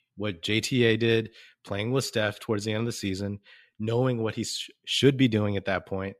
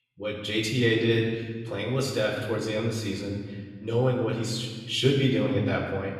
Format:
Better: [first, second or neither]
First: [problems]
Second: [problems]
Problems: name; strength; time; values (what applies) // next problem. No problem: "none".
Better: first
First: none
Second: off-mic speech; far // room echo; noticeable; dies away in 1.5 s